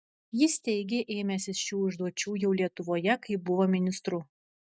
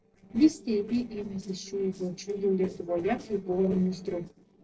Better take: first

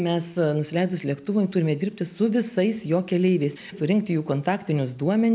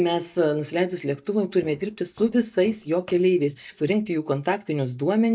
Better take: first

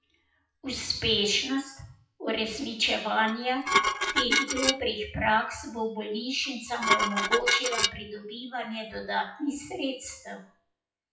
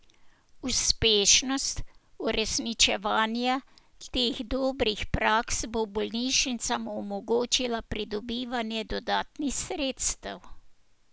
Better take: second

